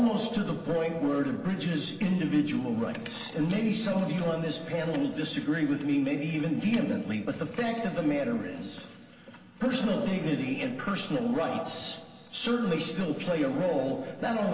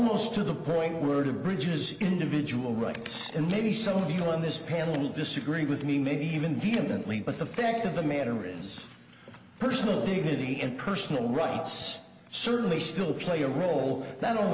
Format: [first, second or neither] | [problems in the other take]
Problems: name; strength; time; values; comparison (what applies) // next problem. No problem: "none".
second | room echo; dies away in 2.2 s